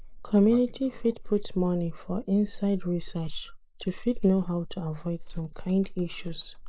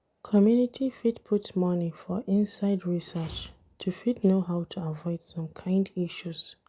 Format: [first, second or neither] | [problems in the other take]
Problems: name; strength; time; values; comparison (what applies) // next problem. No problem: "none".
second | noise reduction (neural mask model Resemble Enhance denoiser)